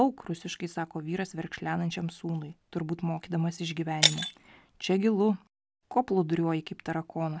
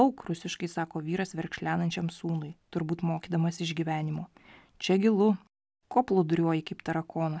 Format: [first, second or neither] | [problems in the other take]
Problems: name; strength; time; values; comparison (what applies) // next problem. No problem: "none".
second | background sound (Shatter); 4 dB below the speech